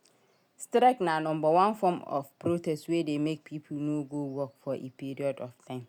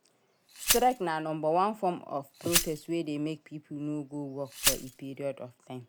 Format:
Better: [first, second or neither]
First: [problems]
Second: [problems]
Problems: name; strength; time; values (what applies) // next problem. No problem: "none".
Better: first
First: none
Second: background sound (Glass); 3 dB below the speech